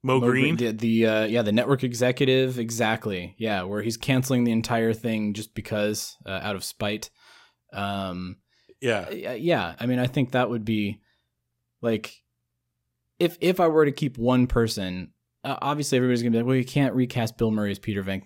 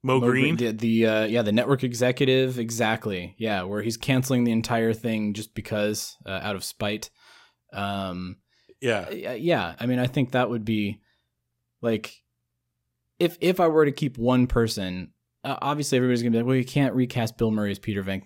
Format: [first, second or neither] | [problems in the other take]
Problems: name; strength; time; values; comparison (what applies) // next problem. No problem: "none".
neither | none